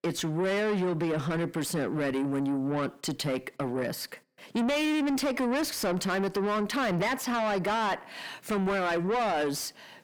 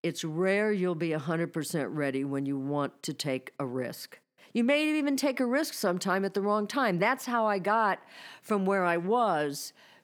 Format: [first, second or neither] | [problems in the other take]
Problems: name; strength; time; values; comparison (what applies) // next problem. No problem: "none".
second | distortion; heavy; 7 dB below the speech